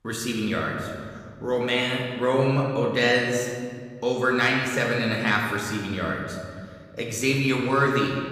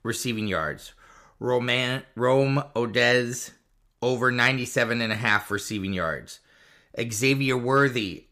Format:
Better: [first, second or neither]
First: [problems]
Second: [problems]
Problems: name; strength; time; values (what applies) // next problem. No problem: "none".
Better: second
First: room echo; noticeable; dies away in 1.7 s // off-mic speech; somewhat distant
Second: none